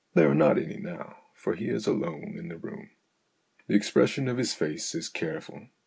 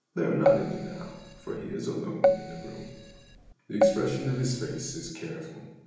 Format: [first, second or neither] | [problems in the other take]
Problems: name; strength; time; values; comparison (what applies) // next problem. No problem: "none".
first | background sound (Keyboard (musical)); 3 dB above the speech // room echo; dies away in 1 s